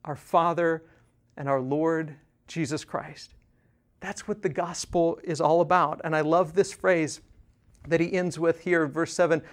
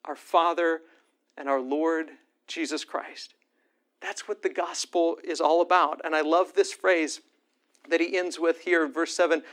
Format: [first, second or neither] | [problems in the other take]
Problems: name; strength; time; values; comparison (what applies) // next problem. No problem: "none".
first | thin; somewhat; fading below 250 Hz